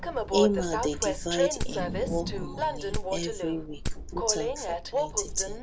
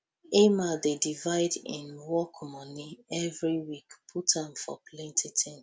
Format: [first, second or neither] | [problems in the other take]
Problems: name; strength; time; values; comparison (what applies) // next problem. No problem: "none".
second | background sound (Train + Wood); 1 dB above the speech